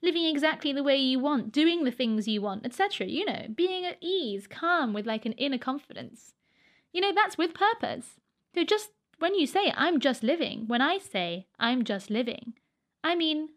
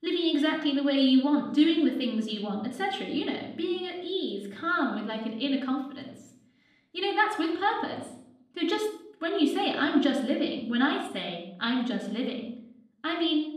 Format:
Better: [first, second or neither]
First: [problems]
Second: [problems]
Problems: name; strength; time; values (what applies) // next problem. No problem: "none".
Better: first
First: none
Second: off-mic speech; far // room echo; slight; dies away in 0.6 s